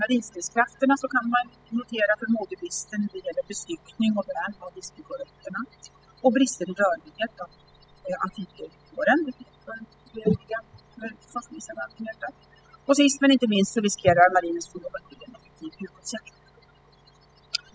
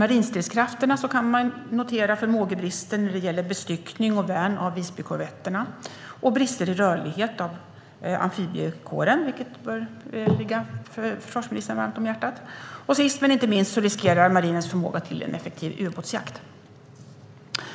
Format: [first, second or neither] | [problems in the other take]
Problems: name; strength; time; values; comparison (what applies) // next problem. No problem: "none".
second | noise reduction (classical method spectral subtraction)